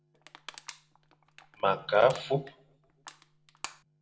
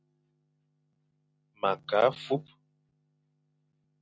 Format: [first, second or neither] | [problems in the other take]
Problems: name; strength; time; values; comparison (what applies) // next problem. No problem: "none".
second | background sound (Crushing); 18 dB below the speech // room echo; dies away in 0.5 s